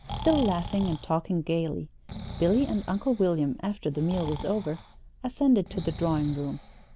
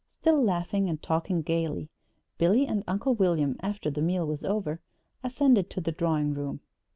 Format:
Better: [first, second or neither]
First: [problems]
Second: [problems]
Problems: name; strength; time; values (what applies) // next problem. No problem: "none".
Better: second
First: background sound (Breathing); 12 dB below the speech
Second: none